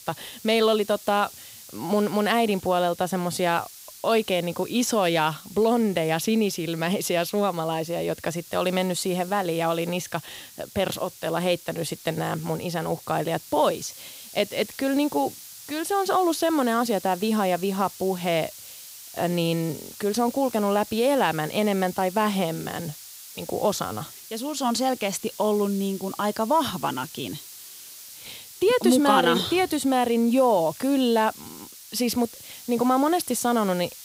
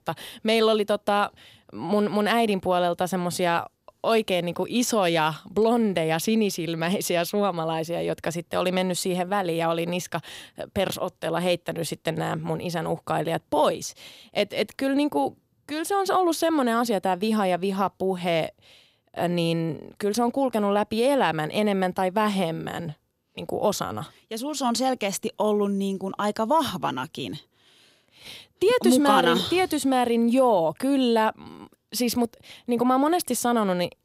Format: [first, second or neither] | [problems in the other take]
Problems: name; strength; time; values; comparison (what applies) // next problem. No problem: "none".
second | hiss; noticeable; throughout; 15 dB below the speech